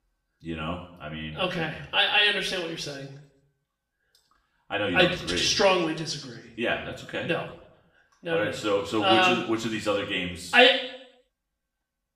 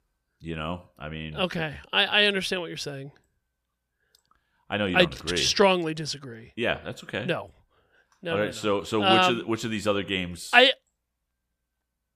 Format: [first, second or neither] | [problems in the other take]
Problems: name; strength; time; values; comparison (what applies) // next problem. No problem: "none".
second | room echo; slight; dies away in 0.6 s // off-mic speech; far